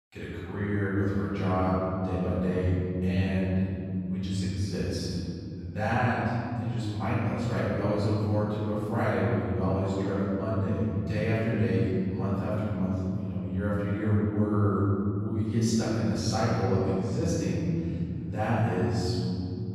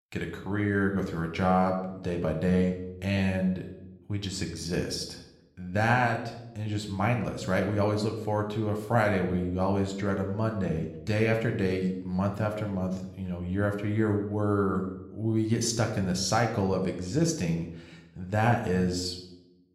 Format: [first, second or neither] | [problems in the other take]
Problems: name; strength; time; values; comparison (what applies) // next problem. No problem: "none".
second | room echo; strong; dies away in 3 s; slight in the second // off-mic speech; far